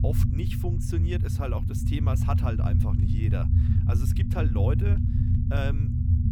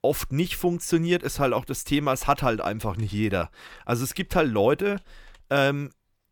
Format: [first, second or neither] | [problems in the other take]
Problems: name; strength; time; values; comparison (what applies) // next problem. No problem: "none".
second | low rumble; loud; throughout; 1 dB below the speech